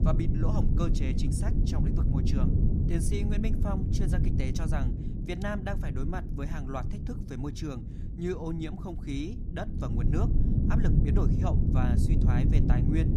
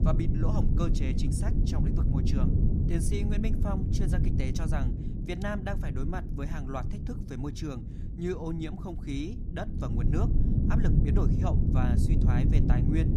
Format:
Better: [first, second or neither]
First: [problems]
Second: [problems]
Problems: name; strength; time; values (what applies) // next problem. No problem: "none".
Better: neither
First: low rumble; loud; throughout; 1 dB below the speech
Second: low rumble; loud; throughout; 1 dB below the speech